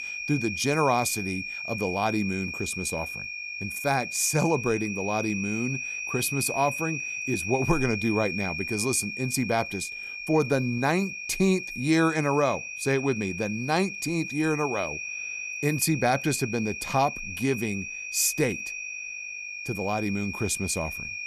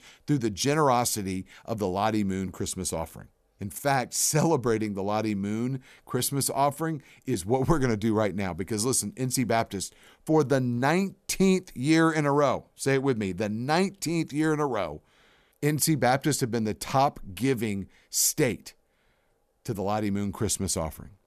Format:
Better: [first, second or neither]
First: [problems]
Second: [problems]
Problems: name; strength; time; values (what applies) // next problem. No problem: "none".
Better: second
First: high-pitched whine; loud; throughout; 2.5 kHz, 5 dB below the speech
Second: none